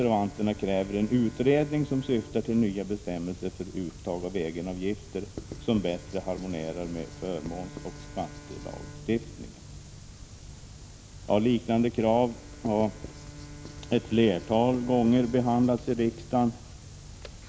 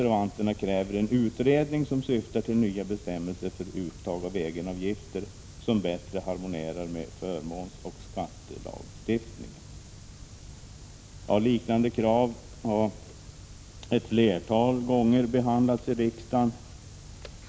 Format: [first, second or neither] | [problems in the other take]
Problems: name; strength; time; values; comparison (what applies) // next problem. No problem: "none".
second | background sound (Writing + Bowed string instrument); 19 dB below the speech